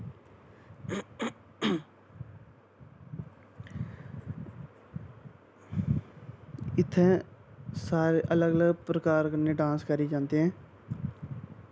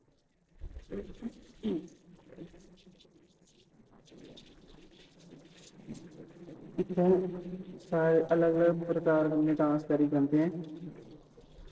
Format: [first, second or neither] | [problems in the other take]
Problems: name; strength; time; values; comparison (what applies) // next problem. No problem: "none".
first | noise reduction (neural separator model SepFormer DNS4)